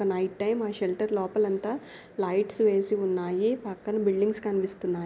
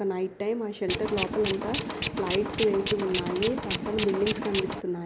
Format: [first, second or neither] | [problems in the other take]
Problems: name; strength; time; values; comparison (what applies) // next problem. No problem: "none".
first | background sound (Tools); 3 dB below the speech